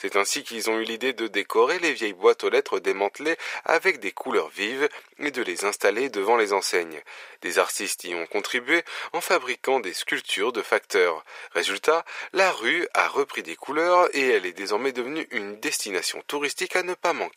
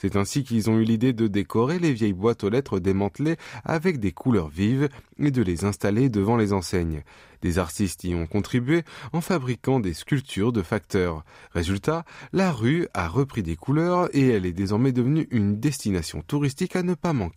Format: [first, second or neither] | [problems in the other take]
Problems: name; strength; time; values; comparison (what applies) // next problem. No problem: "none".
second | thin; very; fading below 450 Hz